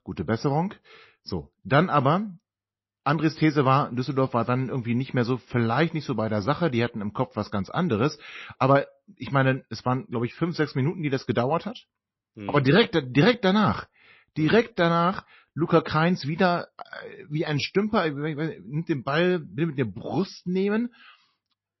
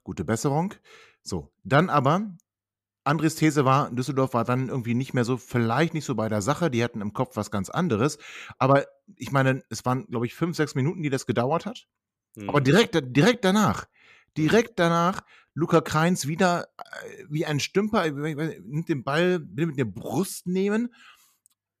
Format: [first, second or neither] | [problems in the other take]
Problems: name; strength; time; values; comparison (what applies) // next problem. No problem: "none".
second | garbled, watery; slightly; nothing above 5.5 kHz